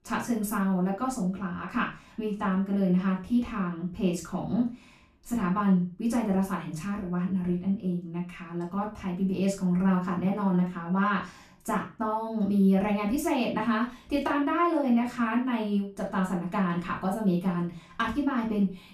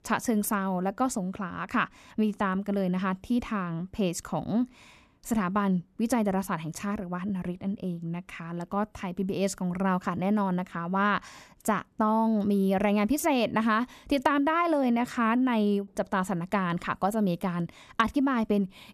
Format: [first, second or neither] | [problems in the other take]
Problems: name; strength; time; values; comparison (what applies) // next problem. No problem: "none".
second | off-mic speech; far // room echo; slight; dies away in 0.3 s